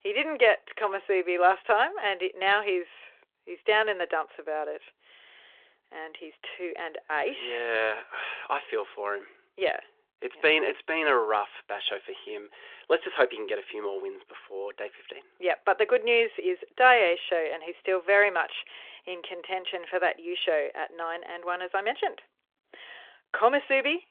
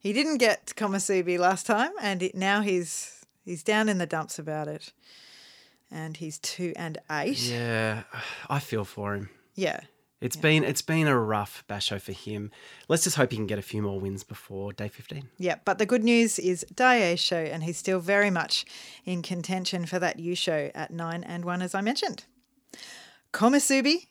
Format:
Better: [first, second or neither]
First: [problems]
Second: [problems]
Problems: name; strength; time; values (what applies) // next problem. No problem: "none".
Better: second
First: phone-call audio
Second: none